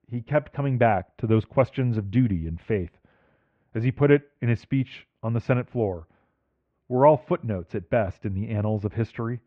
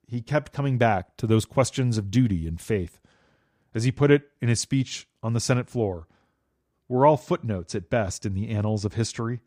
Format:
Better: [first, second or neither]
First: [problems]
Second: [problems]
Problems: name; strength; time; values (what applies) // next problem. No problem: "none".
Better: second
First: muffled; very; fading above 2.5 kHz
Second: none